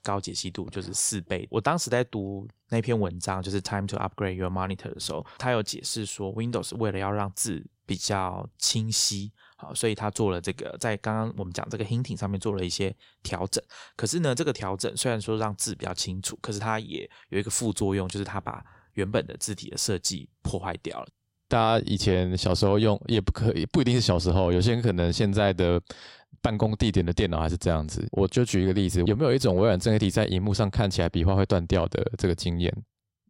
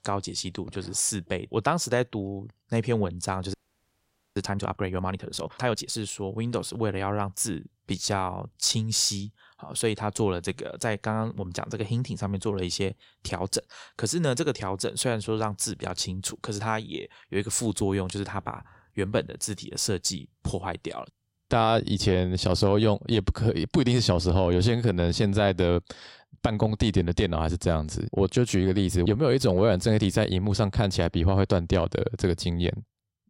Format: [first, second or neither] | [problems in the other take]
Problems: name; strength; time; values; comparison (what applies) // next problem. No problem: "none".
first | audio freezing; at 3.5 s for 1 s